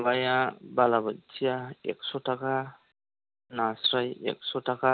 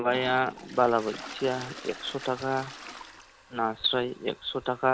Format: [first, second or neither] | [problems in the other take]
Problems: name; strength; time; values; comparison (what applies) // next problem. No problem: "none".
first | background sound (Toilet flush); 15 dB below the speech